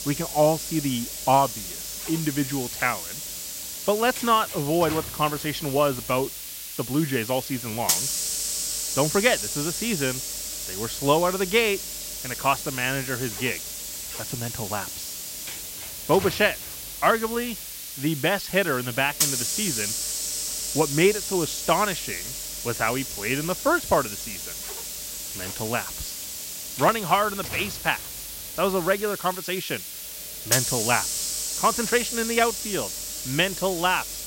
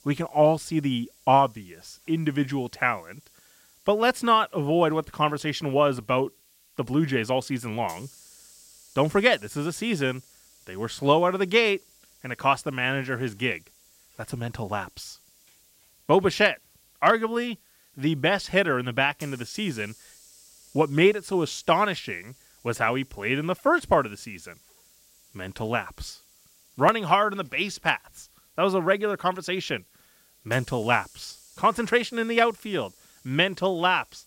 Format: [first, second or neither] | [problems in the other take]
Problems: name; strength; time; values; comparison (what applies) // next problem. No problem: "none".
second | hiss; loud; throughout; 4 dB below the speech; faint in the second